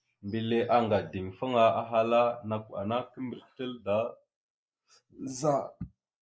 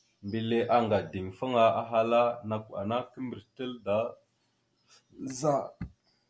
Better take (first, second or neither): second